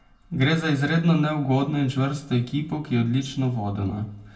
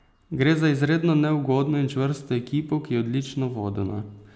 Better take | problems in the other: second | room echo; dies away in 0.2 s

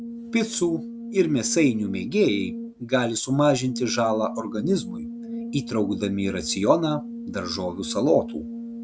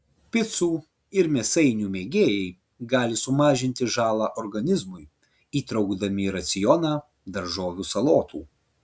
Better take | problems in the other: second | background sound (Brass instrument); 10 dB below the speech

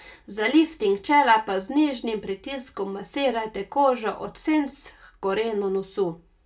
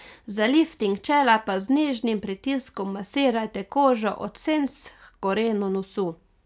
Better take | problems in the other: second | room echo; dies away in 0.2 s

